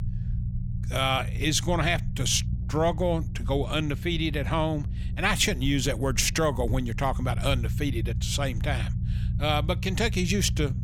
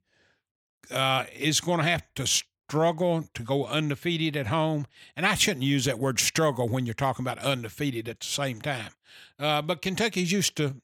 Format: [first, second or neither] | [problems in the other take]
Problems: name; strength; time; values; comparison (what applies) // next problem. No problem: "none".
second | low rumble; noticeable; throughout; 20 dB below the speech